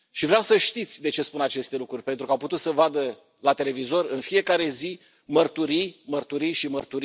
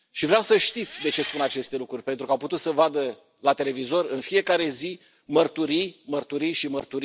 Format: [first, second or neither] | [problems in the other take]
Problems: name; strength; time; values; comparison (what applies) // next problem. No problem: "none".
first | background sound (Engine); 12 dB below the speech